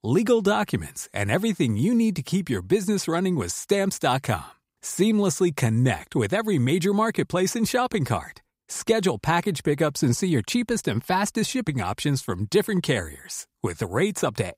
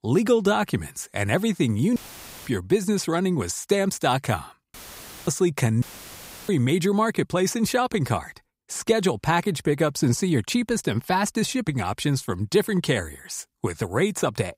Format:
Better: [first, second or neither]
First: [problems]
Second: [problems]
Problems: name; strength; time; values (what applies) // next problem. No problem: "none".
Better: first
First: none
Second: audio cutting out; filled with static; at 2 s for 0.5 s, at 4.5 s for 0.5 s and at 6 s for 0.5 s